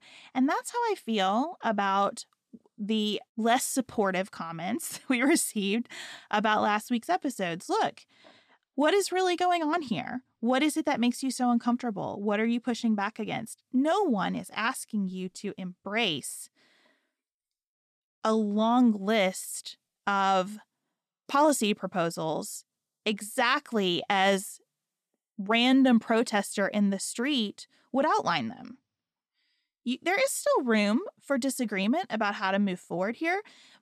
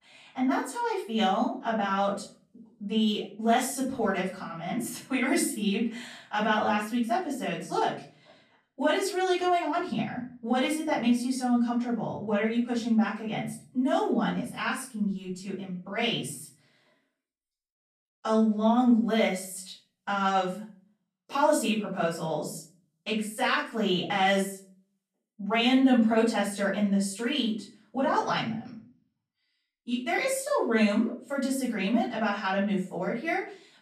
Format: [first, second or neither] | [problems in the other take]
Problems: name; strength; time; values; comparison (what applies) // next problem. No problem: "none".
first | off-mic speech; far // room echo; slight; dies away in 0.4 s